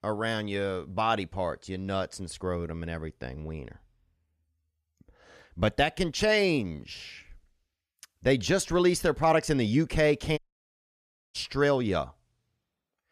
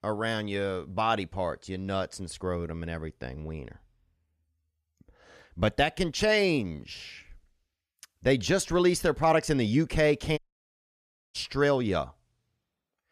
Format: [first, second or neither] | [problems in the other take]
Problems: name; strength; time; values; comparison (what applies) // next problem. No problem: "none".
neither | audio cutting out; at 10 s for 1 s; the same in both